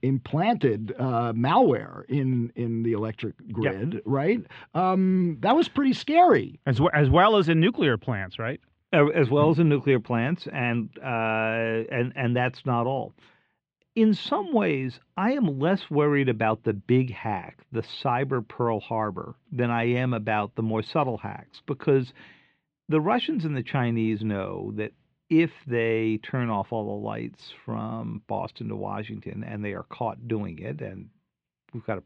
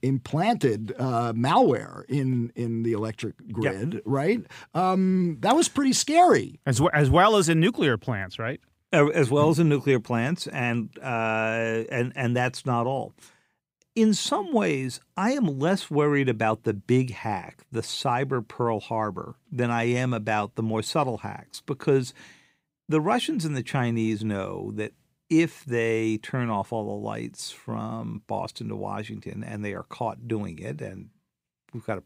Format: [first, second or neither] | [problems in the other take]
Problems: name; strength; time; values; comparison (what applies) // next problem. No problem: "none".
second | muffled; slightly; fading above 3.5 kHz